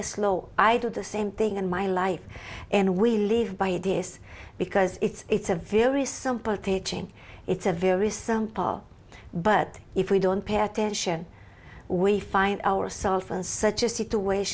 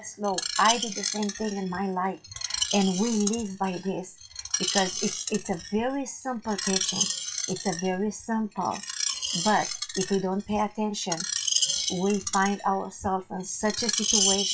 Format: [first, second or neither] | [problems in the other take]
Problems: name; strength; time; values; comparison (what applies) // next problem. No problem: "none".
first | noise reduction (classical method WPE with log-MMSE)